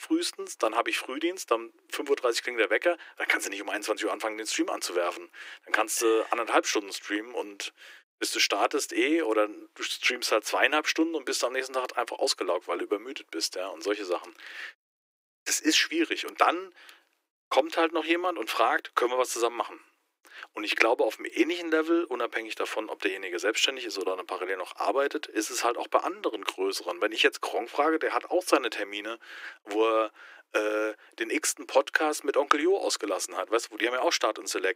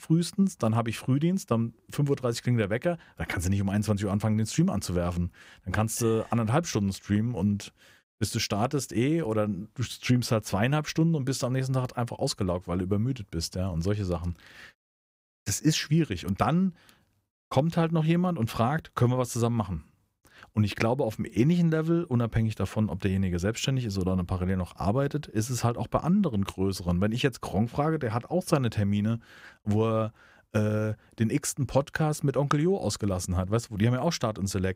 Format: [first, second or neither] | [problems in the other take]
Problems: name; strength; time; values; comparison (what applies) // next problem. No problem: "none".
second | thin; very; fading below 300 Hz